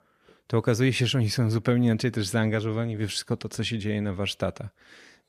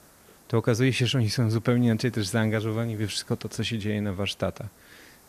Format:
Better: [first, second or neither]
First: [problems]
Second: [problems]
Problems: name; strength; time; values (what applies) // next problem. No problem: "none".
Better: first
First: none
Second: hiss; faint; throughout; 25 dB below the speech